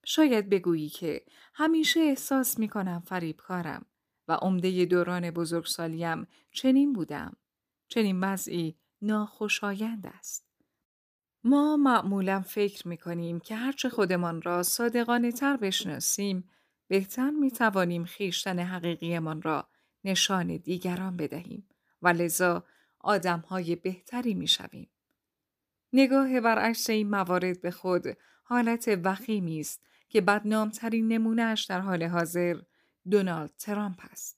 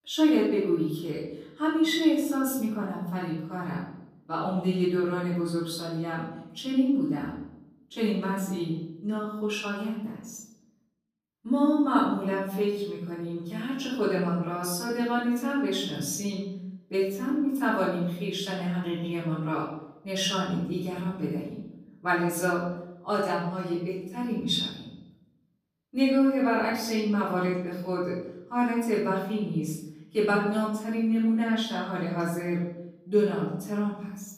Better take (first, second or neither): first